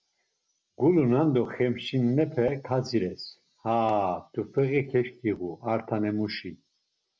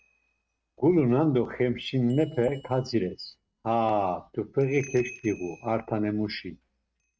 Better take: first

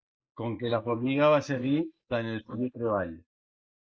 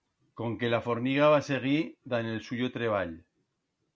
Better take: second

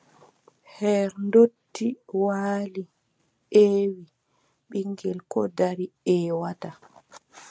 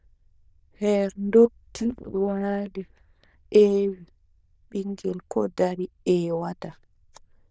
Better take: first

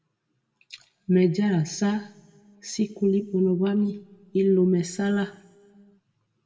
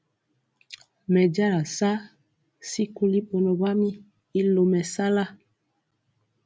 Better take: second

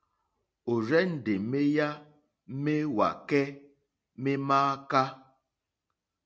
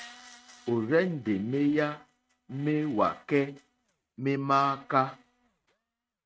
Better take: first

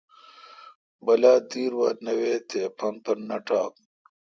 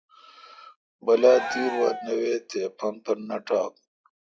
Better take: first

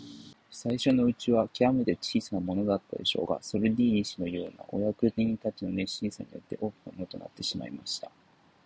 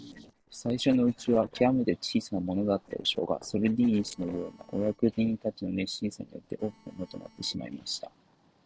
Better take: first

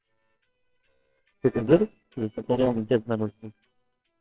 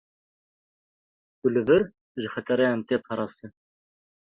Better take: second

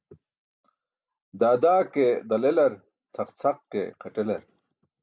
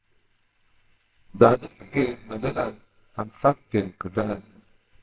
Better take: first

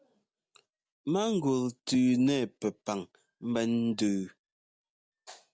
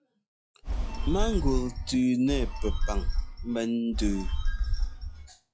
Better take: first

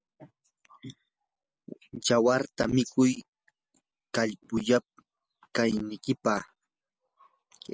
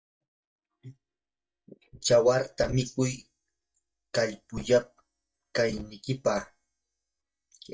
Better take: first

